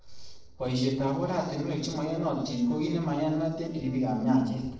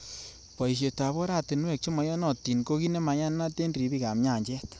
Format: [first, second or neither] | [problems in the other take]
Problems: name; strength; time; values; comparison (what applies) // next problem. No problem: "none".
second | noise reduction (neural separator model SepFormer DNS4)